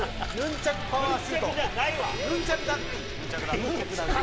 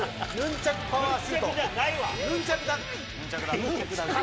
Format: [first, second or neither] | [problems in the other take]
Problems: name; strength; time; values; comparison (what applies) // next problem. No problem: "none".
second | background sound (Walk, footsteps + Sink (filling or washing) / Water tap, faucet); 7 dB below the speech